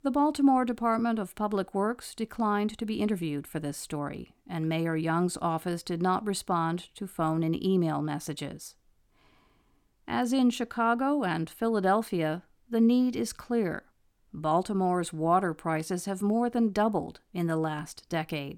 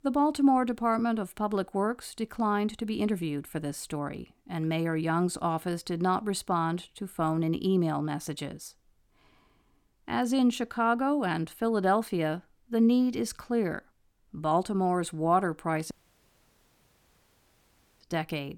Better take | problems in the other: first | audio cutting out; at 16 s for 2 s

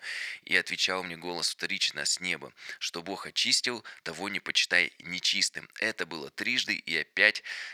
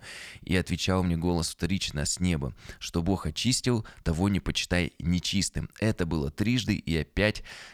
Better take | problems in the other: second | thin; very; fading below 400 Hz

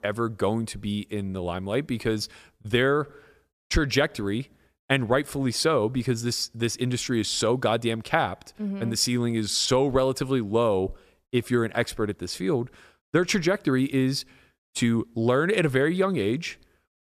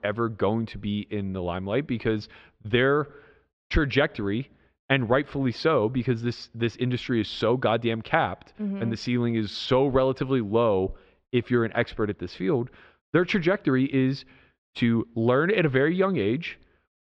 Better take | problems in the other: first | muffled; slightly; fading above 3.5 kHz

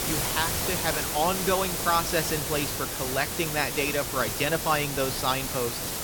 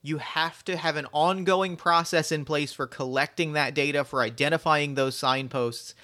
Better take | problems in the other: second | hiss; loud; throughout; 1 dB below the speech

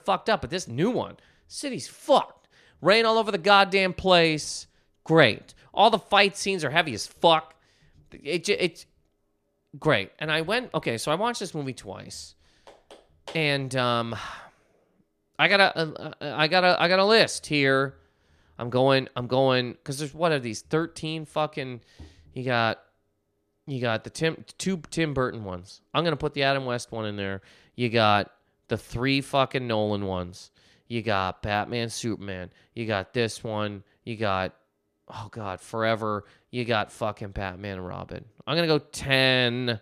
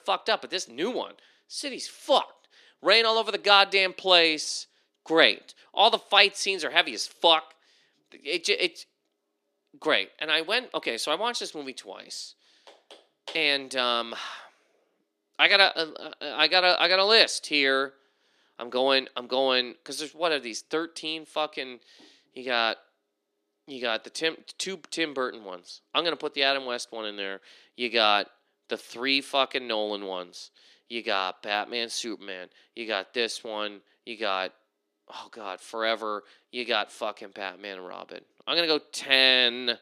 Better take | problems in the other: first | thin; somewhat; fading below 250 Hz

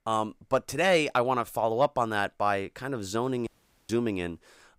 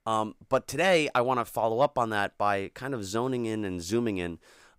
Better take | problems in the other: second | audio cutting out; at 3.5 s

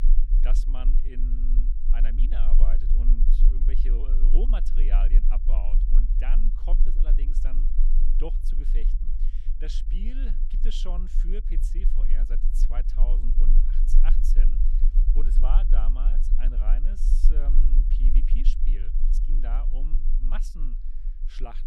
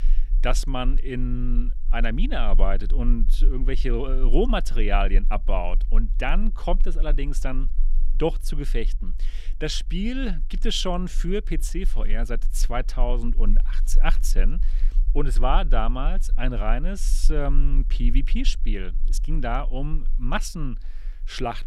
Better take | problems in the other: second | low rumble; loud; throughout; 7 dB below the speech; faint in the second

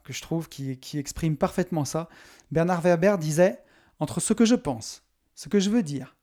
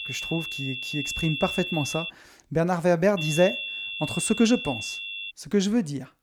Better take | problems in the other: first | high-pitched whine; loud; until 2 s and from 3 to 5.5 s; 2.5 kHz, 5 dB below the speech

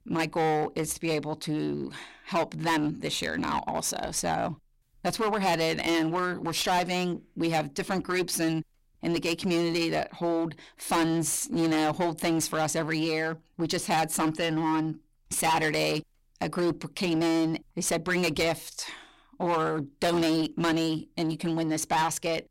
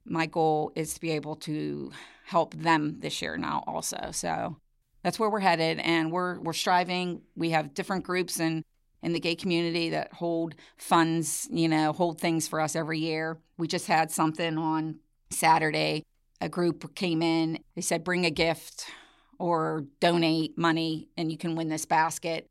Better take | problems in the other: second | distortion; heavy; 14% of the sound clipped

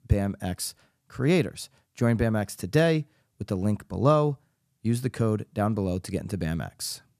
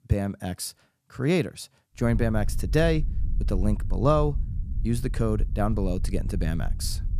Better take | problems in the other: first | low rumble; noticeable; from 2 s on; 20 dB below the speech

